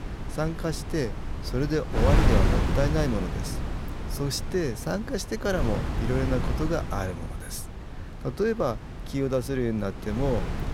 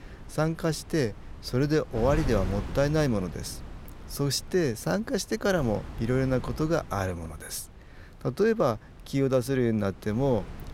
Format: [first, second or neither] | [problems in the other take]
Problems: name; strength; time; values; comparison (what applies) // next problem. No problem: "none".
second | wind noise on the microphone; heavy; 6 dB below the speech; occasional gusts in the second